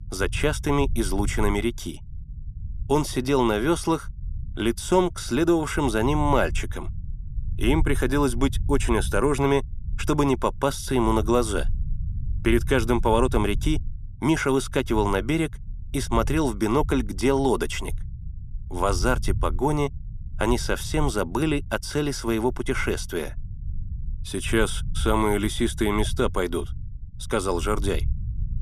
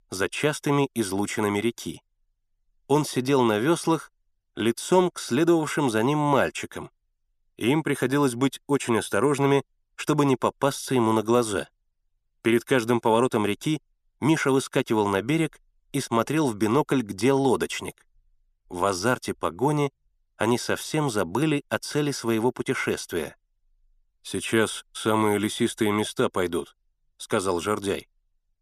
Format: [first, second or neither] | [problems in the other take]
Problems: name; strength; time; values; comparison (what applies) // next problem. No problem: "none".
second | low rumble; faint; throughout; 25 dB below the speech